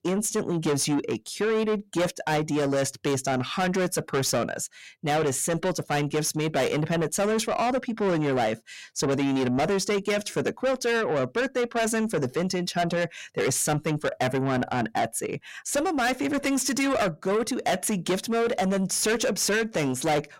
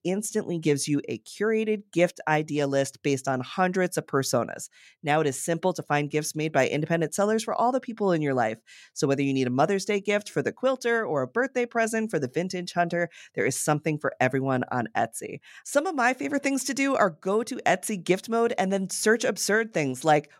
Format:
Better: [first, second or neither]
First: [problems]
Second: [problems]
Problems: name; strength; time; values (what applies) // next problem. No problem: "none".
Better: second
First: distortion; heavy; 6 dB below the speech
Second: none